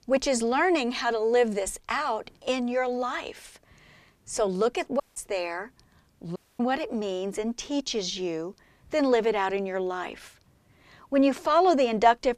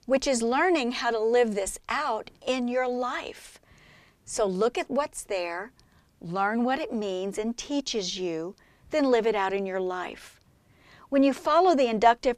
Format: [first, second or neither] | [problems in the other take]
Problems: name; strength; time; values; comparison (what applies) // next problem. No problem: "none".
second | audio cutting out; at 5 s and at 6.5 s